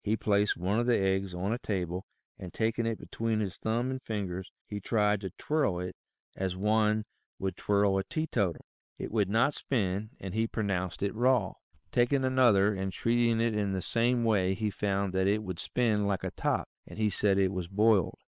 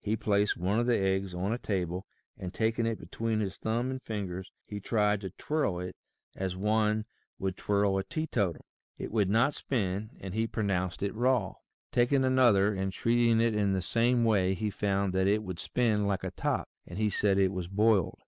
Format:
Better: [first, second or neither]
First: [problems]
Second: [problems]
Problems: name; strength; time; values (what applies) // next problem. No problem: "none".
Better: second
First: noise reduction (neural separator model SepFormer WHAM!)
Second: none